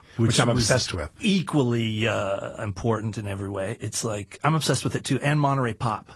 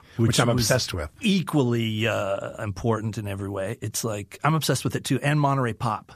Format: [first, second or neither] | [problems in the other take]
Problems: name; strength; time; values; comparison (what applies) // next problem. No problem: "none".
second | garbled, watery; slightly